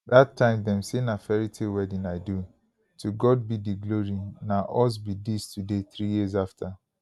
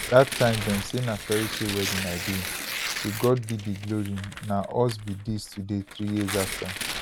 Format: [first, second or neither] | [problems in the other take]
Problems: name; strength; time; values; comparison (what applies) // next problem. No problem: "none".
first | background sound (Tearing); 7 dB below the speech